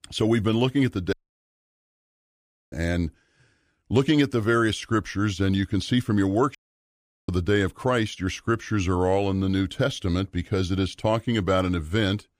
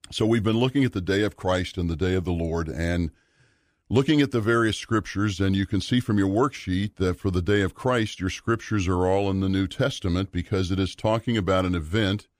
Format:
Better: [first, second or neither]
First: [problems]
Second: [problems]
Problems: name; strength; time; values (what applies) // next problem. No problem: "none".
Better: second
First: audio cutting out; at 1 s for 1.5 s and at 6.5 s for 0.5 s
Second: none